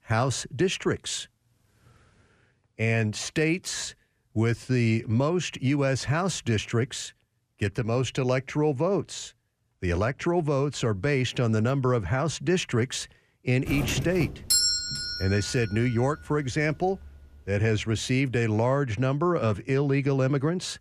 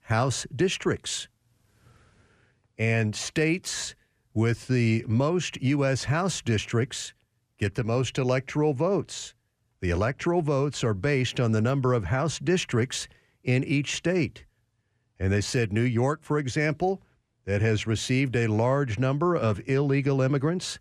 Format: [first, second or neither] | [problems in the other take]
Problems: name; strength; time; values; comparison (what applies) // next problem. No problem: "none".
second | doorbell; loud; from 14 to 15 s; peak 6 dB above the speech